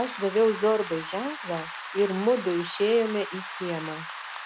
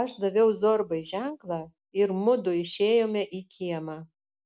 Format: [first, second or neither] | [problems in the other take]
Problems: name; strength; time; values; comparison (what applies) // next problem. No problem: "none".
second | background sound (Rain); 11 dB below the speech